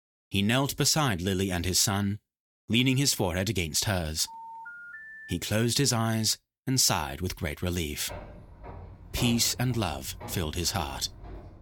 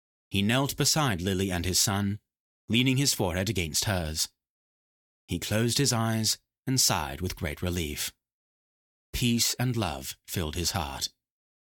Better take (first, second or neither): second